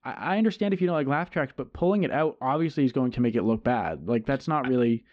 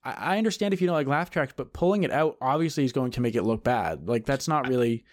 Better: second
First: muffled; slightly; fading above 3.5 kHz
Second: none

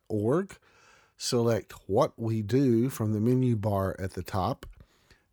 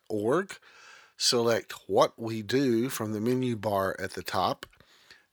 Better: first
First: none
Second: thin; very slightly; fading below 950 Hz

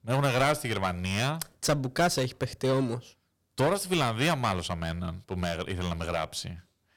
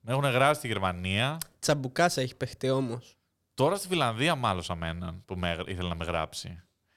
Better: second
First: distortion; heavy; 7% of the sound clipped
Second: none

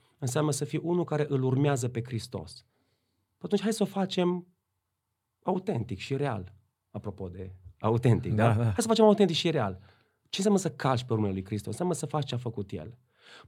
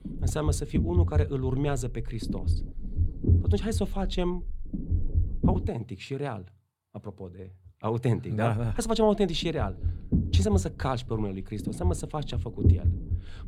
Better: first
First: none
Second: low rumble; loud; until 5.5 s and from 8.5 s on; 9 dB below the speech

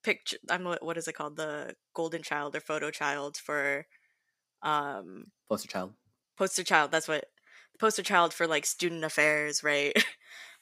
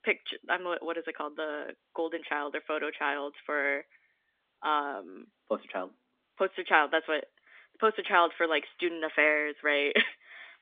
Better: first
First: none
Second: phone-call audio; nothing above 3 kHz

